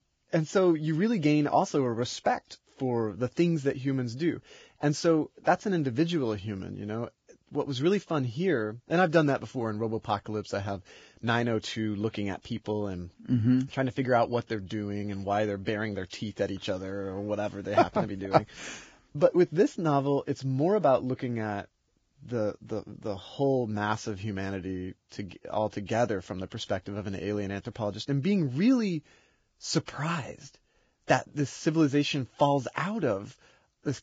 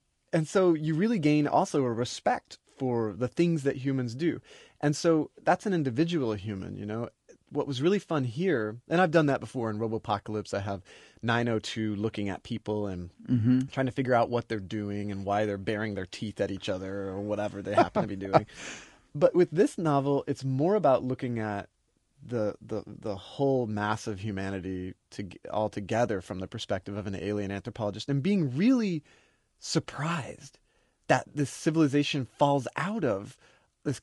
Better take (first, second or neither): second